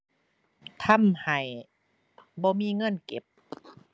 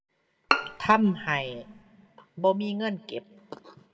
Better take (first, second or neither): first